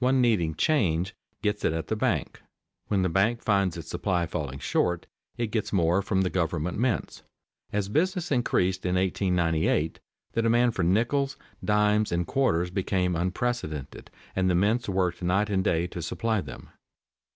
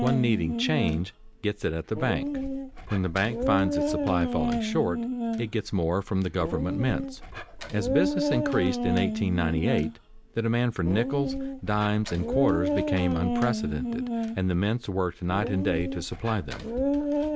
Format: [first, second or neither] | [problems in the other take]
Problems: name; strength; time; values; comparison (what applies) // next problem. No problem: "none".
first | background sound (Dog); 2 dB below the speech